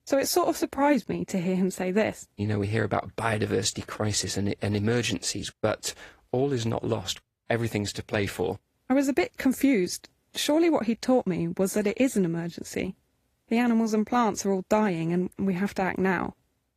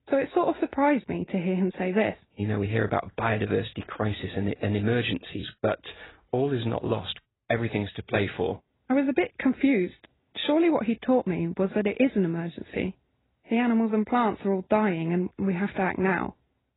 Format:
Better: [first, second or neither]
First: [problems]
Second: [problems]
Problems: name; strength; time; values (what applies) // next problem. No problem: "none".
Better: first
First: garbled, watery; slightly; nothing above 14.5 kHz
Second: garbled, watery; badly; nothing above 4 kHz